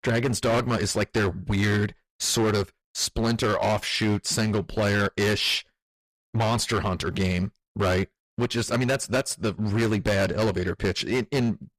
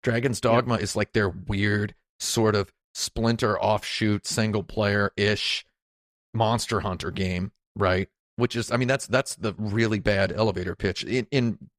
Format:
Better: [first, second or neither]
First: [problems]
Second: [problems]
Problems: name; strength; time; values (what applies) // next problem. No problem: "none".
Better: second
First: distortion; heavy; 13% of the sound clipped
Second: none